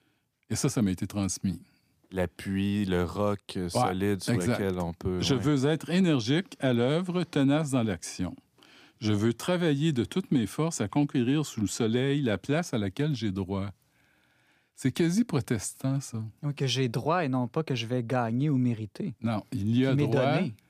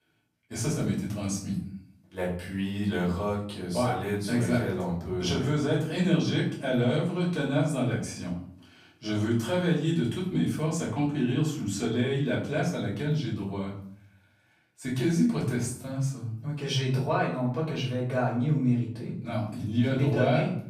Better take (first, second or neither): first